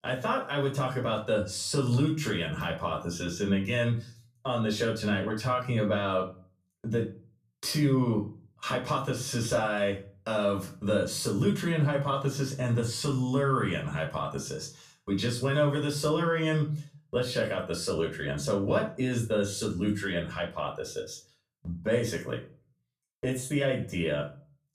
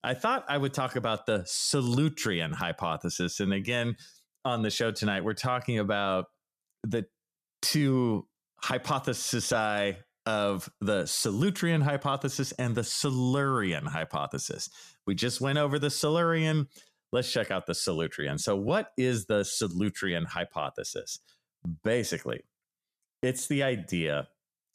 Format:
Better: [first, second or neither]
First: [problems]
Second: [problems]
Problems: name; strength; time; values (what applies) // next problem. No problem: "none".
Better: second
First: off-mic speech; far // room echo; slight; dies away in 0.3 s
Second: none